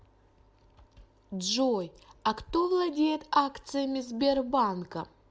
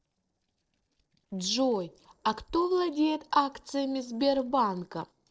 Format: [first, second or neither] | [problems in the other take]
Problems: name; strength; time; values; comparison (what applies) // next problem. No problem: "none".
first | noise reduction (neural separator model SepFormer DNS4)